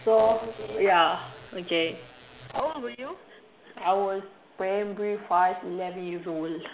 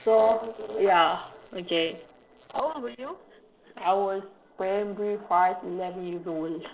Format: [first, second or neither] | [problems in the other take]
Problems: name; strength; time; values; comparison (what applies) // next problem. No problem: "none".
first | noise reduction (neural separator model SepFormer DNS4)